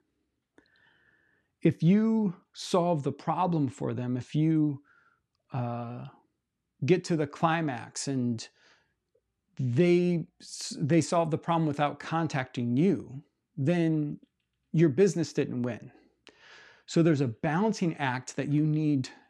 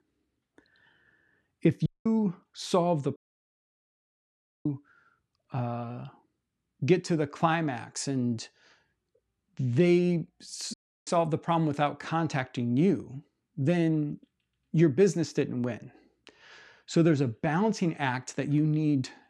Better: first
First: none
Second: audio cutting out; at 2 s, at 3 s for 1.5 s and at 11 s

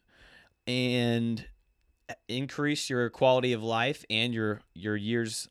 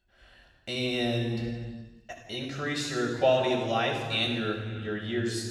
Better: first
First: none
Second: room echo; noticeable; dies away in 1.5 s // off-mic speech; far

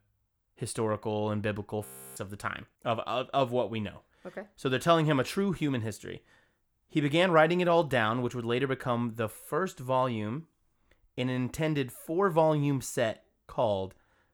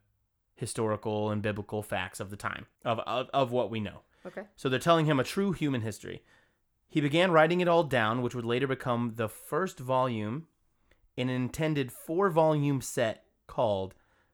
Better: second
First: audio freezing; at 2 s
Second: none

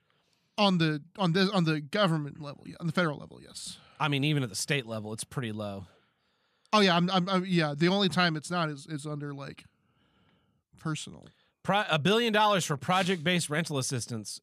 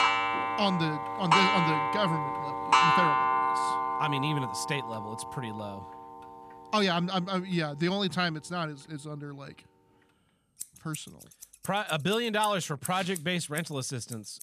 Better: first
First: none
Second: household noises; very loud; throughout; 3 dB above the speech

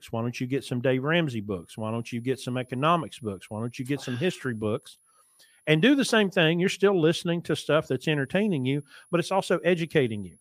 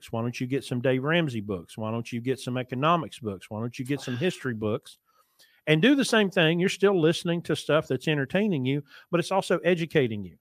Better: second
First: high-pitched whine; faint; from 1.5 to 6.5 s and from 7.5 s on; 10.5 kHz, 35 dB below the speech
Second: none

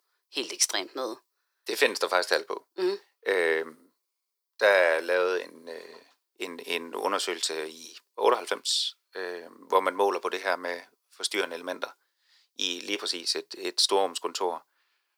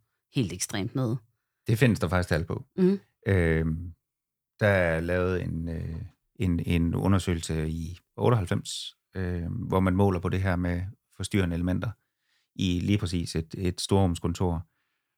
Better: second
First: thin; very; fading below 400 Hz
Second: none

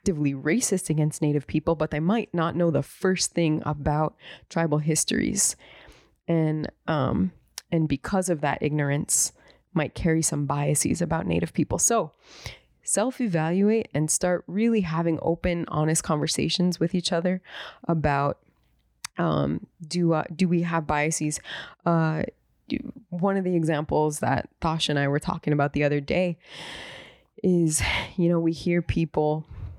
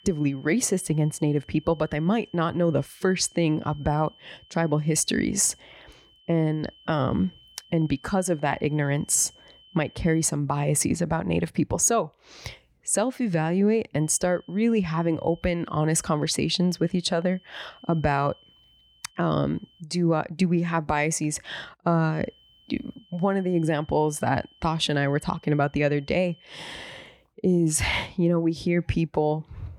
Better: first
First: none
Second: high-pitched whine; faint; until 10 s, from 14 to 20 s and from 22 to 27 s; 3 kHz, 30 dB below the speech

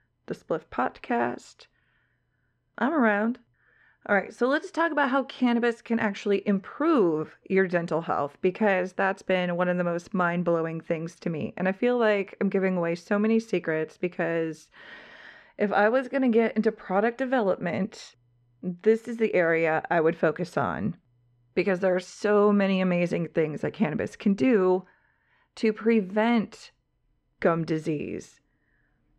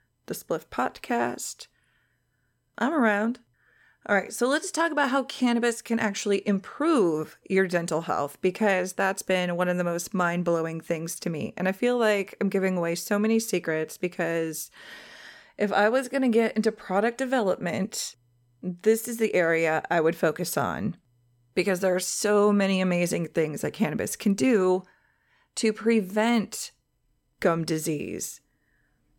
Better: second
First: muffled; slightly; fading above 3 kHz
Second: none

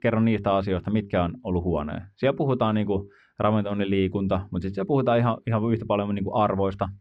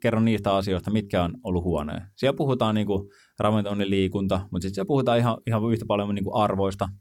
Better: second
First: muffled; slightly; fading above 2.5 kHz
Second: none

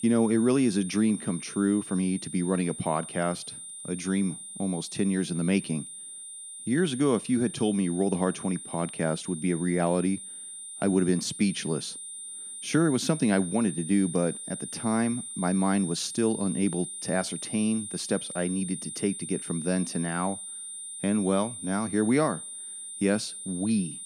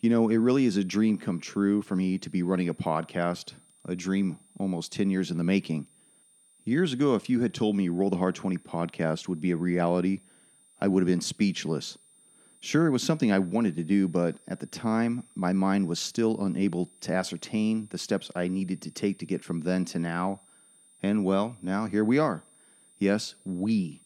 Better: second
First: high-pitched whine; loud; throughout; 9 kHz, 9 dB below the speech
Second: high-pitched whine; faint; throughout; 9 kHz, 30 dB below the speech

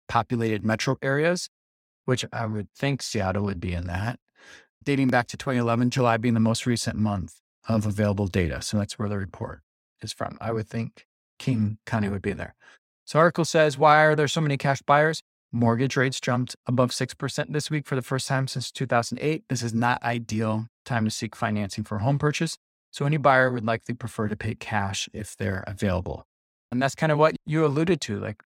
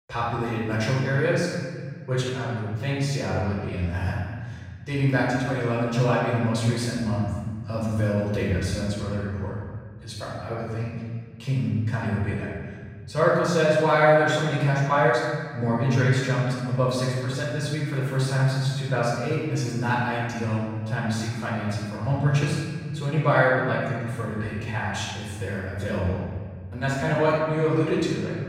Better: first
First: none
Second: off-mic speech; far // room echo; strong; dies away in 1.8 s

